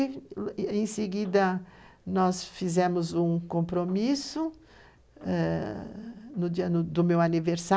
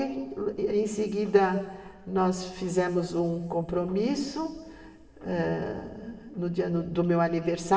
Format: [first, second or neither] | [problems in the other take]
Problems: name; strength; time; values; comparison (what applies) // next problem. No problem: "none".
first | room echo; dies away in 1.9 s